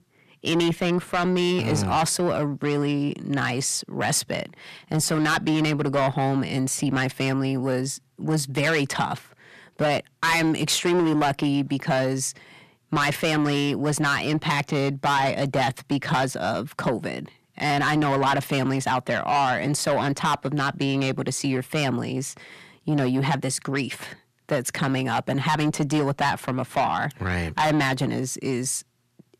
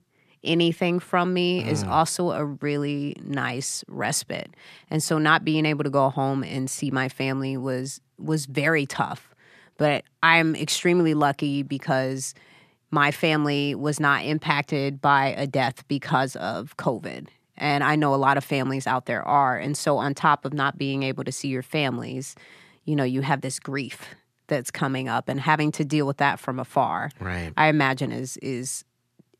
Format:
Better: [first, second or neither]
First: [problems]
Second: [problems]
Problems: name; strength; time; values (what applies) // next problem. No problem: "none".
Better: second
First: distortion; heavy; 6 dB below the speech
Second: none